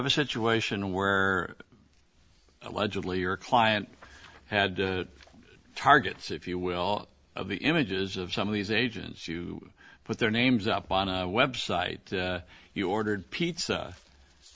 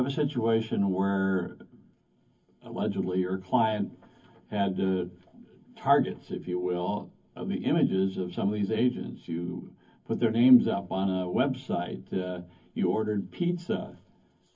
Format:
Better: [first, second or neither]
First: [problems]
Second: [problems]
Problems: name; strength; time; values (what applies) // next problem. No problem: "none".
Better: first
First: none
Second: room echo; dies away in 0.3 s